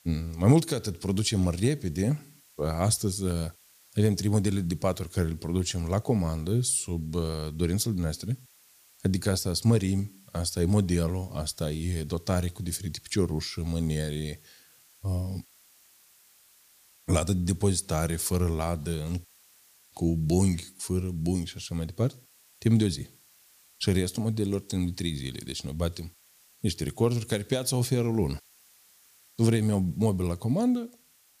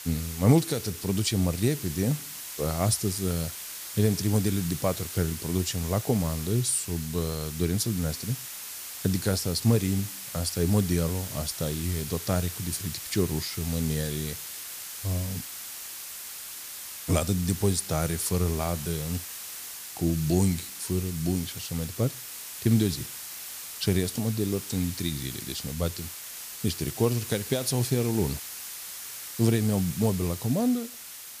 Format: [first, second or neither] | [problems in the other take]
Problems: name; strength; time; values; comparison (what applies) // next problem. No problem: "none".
first | hiss; loud; throughout; 8 dB below the speech; faint in the first